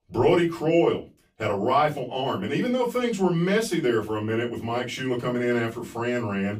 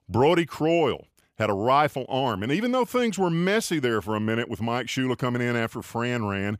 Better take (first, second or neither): second